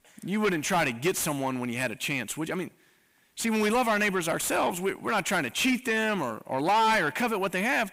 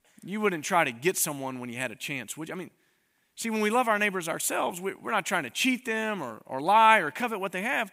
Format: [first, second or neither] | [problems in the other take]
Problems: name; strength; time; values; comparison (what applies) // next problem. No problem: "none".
second | distortion; heavy; 6 dB below the speech